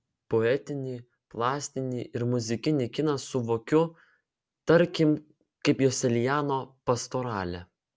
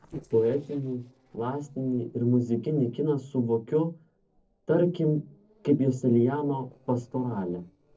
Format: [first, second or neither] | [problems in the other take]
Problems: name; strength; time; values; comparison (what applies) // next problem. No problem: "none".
first | noise reduction (neural separator model SepFormer DNS4)